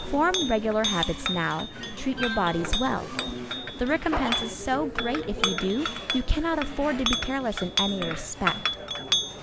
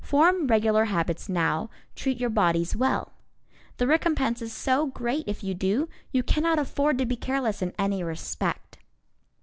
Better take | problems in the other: second | background sound (Chink, clink); 3 dB below the speech

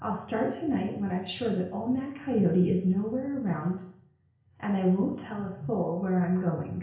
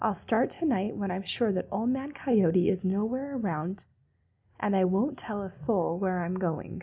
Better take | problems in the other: second | room echo; dies away in 0.5 s

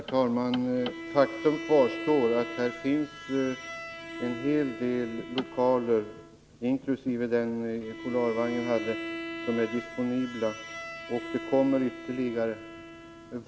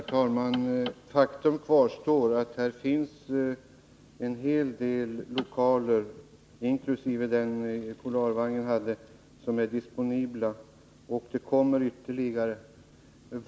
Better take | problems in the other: second | background sound (Bowed string instrument); 11 dB below the speech

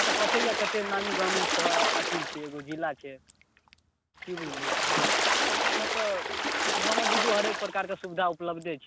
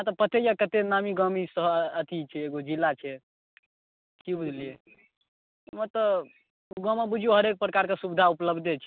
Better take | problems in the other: second | background sound (Water / Splash, splatter); 4 dB above the speech

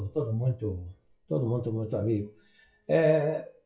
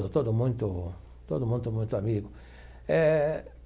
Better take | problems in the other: second | noise reduction (classical method WPE with log-MMSE)

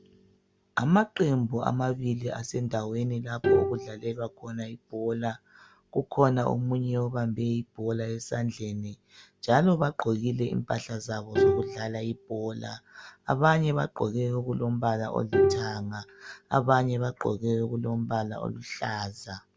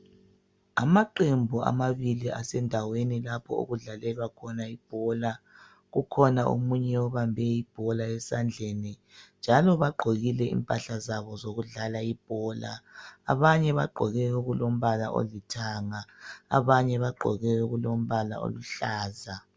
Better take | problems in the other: second | background sound (Bowed string instrument); 2 dB below the speech

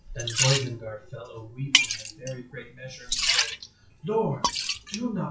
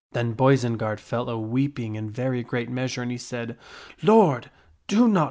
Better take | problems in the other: second | noise reduction (classical method WPE with log-MMSE)

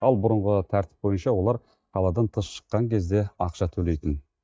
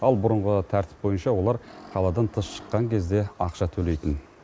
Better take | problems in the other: second | noise reduction (neural mask model DeepFilterNet 3)

